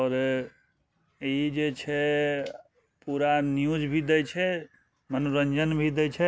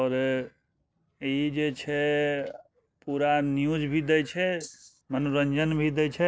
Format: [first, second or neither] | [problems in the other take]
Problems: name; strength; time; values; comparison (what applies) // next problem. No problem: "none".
first | noise reduction (neural separator model SepFormer DNS4)